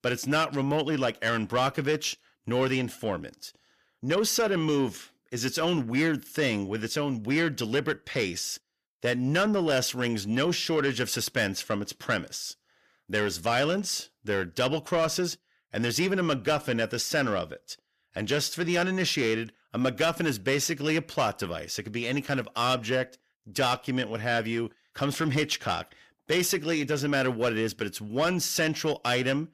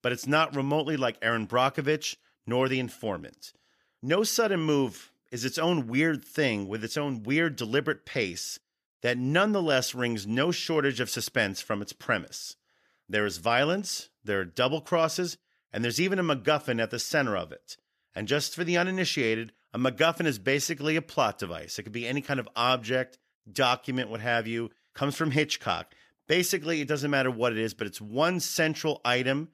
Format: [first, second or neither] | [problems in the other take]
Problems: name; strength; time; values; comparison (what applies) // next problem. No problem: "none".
second | distortion; slight; 10 dB below the speech